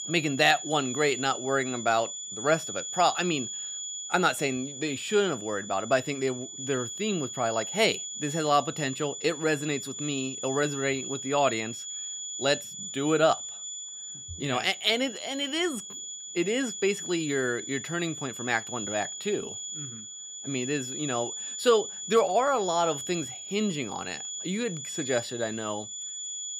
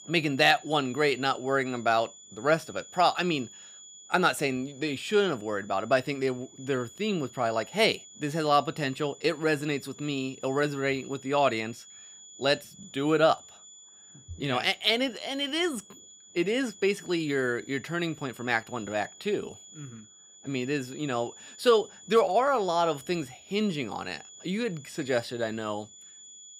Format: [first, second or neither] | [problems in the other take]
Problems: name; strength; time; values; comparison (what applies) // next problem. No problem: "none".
second | high-pitched whine; loud; throughout; 7 kHz, 7 dB below the speech; faint in the second